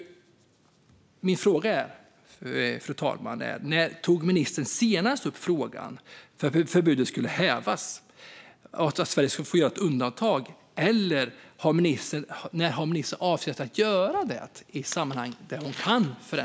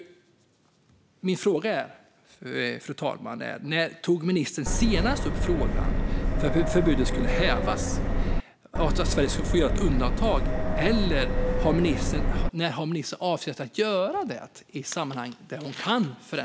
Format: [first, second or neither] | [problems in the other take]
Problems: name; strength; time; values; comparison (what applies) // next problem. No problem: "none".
first | background sound (Subway, metro, underground); 4 dB above the speech